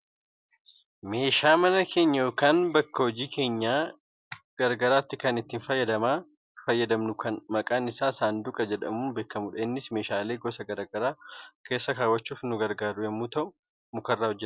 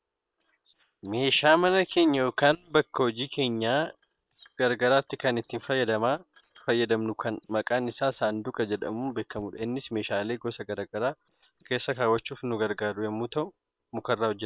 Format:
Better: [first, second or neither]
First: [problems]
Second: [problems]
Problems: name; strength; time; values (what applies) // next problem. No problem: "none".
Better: first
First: none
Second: noise reduction (neural separator model SepFormer WHAM!)